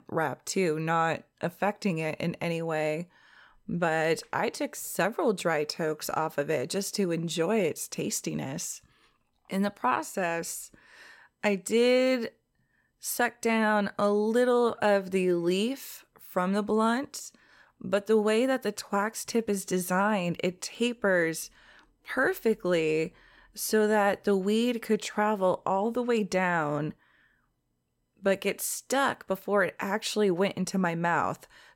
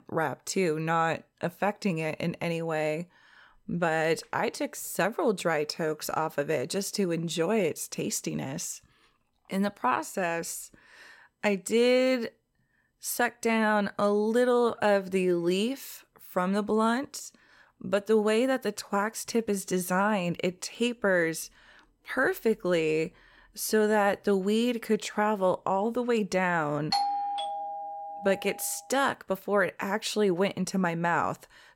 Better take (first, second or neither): first